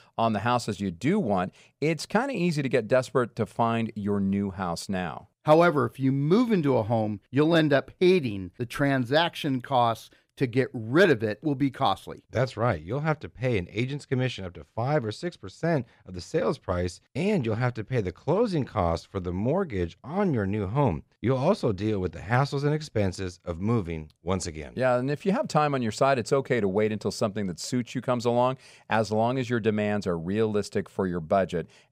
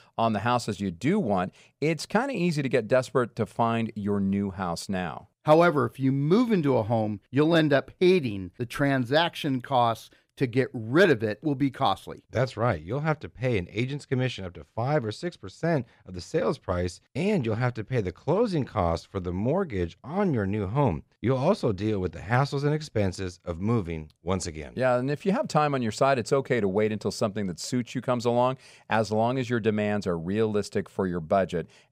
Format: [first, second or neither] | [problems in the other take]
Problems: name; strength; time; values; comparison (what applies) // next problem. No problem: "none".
neither | none